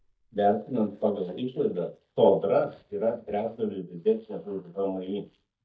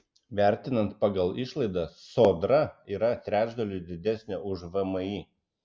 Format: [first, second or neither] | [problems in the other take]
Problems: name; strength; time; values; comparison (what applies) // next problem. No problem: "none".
second | noise reduction (neural mask model DeepFilterNet 3)